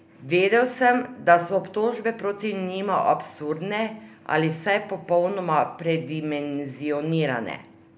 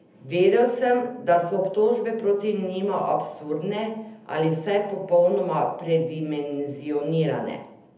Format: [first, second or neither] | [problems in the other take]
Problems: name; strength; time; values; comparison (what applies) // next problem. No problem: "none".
first | room echo; dies away in 0.7 s